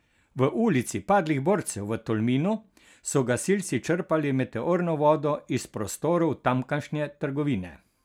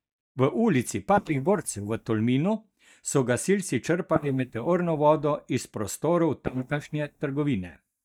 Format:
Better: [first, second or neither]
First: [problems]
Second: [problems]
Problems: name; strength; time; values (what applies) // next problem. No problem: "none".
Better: first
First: none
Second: noise reduction (neural mask model DeepFilterNet 3)